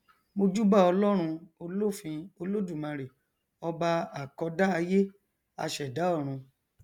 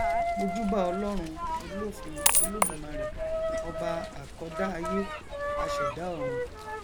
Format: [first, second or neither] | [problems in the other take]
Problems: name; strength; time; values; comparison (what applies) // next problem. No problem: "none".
first | background sound (Coin (dropping)); 5 dB above the speech